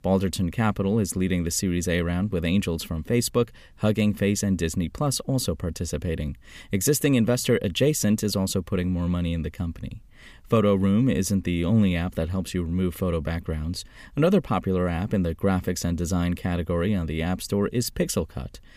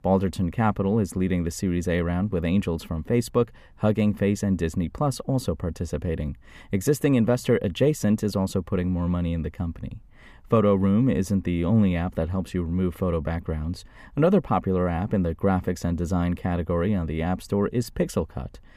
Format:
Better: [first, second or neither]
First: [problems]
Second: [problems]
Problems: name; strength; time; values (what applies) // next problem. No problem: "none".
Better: first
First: none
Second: muffled; slightly; fading above 2.5 kHz